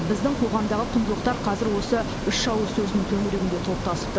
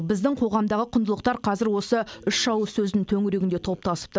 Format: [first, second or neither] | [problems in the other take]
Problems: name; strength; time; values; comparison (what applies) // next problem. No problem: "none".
second | background sound (Ocean); 4 dB below the speech